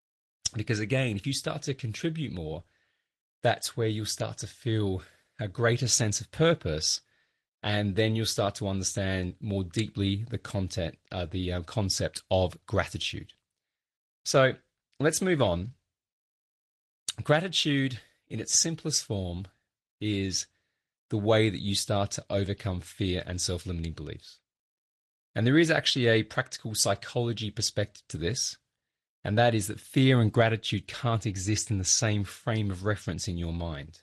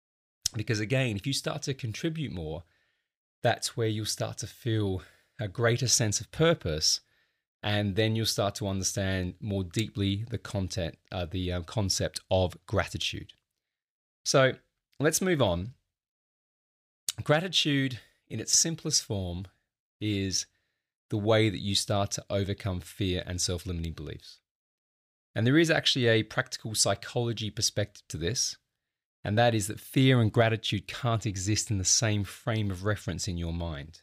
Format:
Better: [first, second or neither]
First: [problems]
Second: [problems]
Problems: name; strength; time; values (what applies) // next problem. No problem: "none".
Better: second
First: garbled, watery; slightly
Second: none